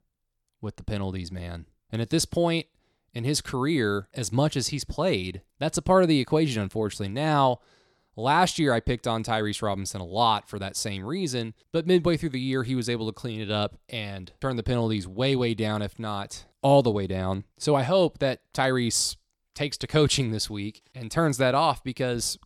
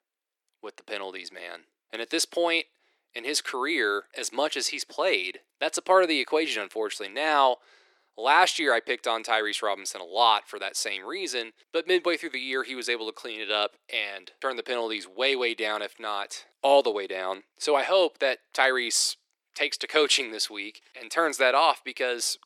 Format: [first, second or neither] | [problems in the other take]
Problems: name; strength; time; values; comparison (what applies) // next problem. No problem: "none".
first | thin; very; fading below 350 Hz